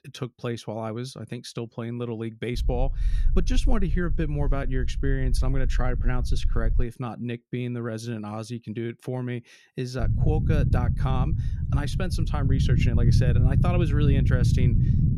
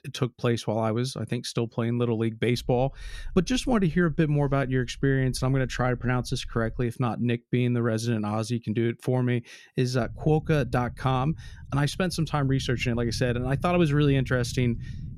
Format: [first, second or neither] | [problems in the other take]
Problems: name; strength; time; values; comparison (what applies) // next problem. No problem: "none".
second | low rumble; loud; from 2.5 to 7 s and from 10 s on; 3 dB below the speech; faint in the second